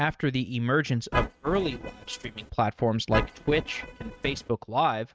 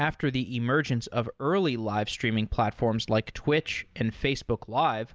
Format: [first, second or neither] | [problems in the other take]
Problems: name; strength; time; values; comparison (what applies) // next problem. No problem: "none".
second | noise reduction (neural mask model RNNoise)